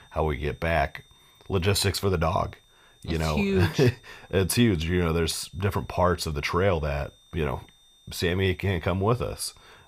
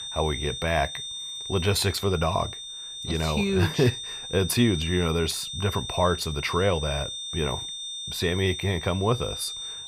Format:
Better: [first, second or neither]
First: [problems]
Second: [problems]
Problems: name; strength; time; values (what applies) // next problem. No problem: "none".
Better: first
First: high-pitched whine; faint; throughout; 3.5 kHz, 30 dB below the speech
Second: high-pitched whine; loud; throughout; 3.5 kHz, 7 dB below the speech